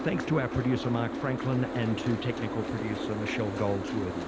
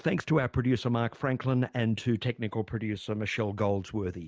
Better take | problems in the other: second | background sound (Boat, Water vehicle); 4 dB below the speech

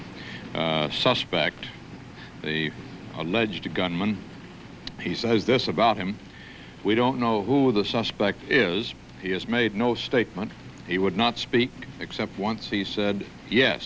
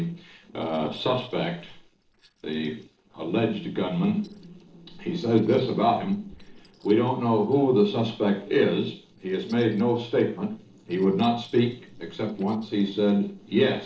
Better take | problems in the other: first | noise reduction (neural separator model SepFormer DNS4)

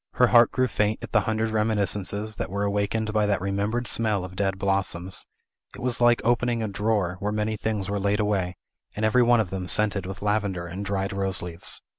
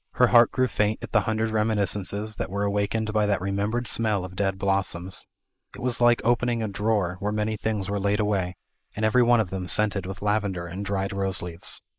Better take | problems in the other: first | noise reduction (neural mask model Resemble Enhance denoiser)

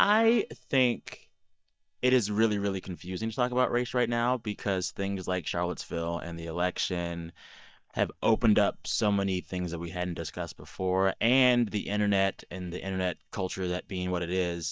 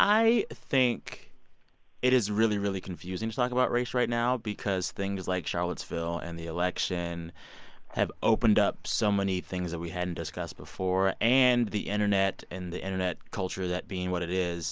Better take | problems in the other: second | noise reduction (neural mask model DeepFilterNet 3)

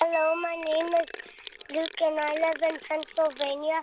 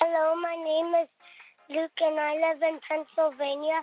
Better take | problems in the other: second | background sound (Glockenspiel + Sink (filling or washing)); 13 dB below the speech

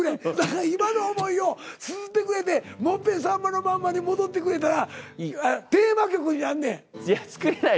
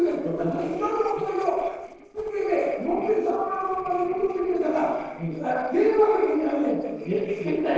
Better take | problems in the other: first | noise reduction (neural separator model SepFormer DNS4)

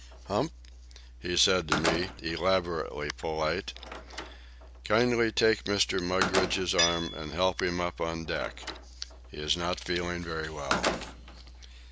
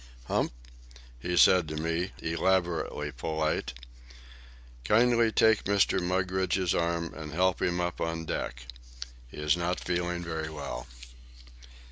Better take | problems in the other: second | background sound (Slam + Tools); 6 dB below the speech

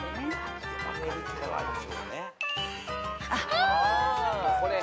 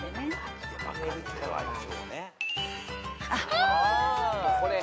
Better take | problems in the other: second | background sound (Trumpet); 10 dB below the speech

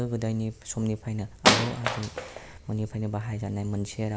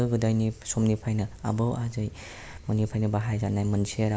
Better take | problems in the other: second | background sound (Wood); 3 dB above the speech

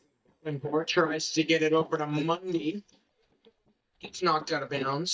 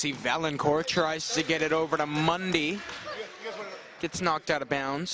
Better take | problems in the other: second | noise reduction (neural mask model DeepFilterNet 3)

